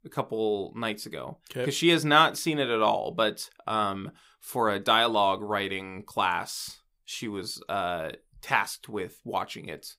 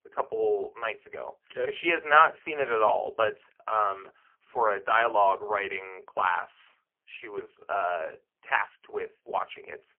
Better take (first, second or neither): first